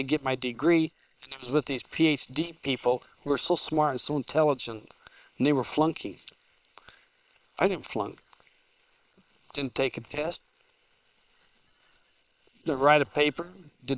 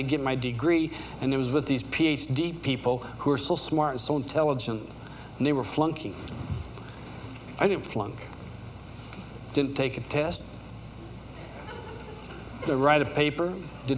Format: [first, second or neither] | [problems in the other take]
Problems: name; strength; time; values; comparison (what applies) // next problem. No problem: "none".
second | noise reduction (neural separator model SepFormer WHAM!)